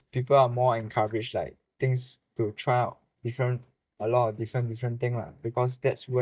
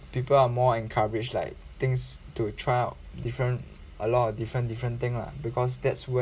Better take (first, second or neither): second